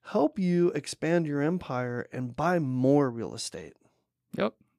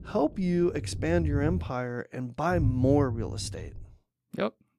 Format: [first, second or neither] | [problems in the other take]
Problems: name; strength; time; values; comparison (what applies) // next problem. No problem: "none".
first | low rumble; noticeable; until 1.5 s and from 2.5 to 4 s; 15 dB below the speech